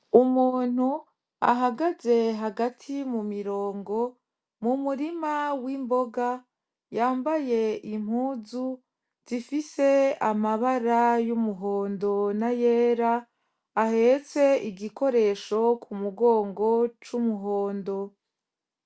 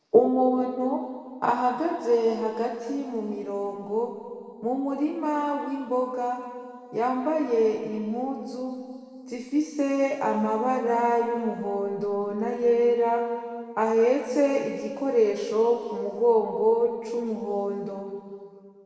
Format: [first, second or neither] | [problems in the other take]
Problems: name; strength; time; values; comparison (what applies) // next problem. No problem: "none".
first | room echo; dies away in 2.1 s